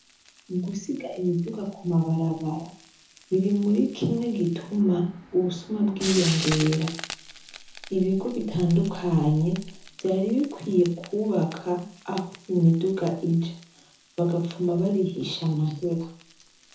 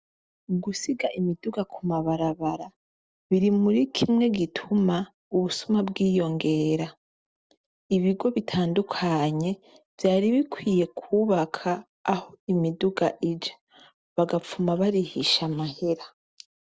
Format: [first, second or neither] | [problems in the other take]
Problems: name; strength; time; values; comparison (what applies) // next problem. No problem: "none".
second | background sound (Frying (food)); 16 dB below the speech // room echo; dies away in 0.6 s